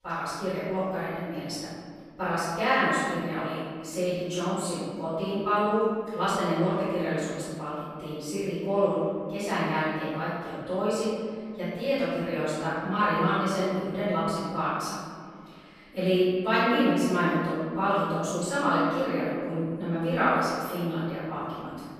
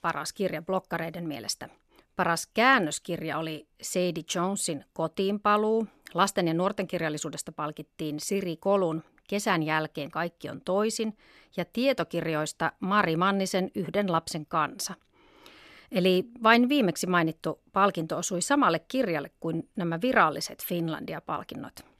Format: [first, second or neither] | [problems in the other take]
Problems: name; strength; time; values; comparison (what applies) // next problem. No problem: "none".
second | off-mic speech; far // room echo; strong; dies away in 1.9 s